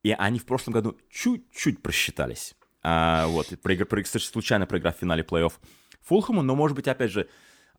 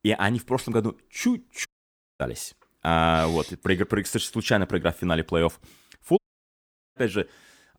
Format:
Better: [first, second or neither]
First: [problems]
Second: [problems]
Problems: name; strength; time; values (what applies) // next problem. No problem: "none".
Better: first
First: none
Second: audio cutting out; at 1.5 s for 0.5 s and at 6 s for 1 s